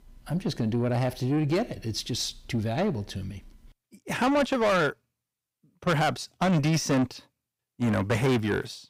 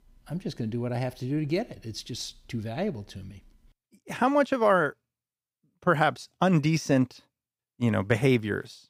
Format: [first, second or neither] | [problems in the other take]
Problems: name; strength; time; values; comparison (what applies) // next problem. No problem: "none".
second | distortion; heavy; 7 dB below the speech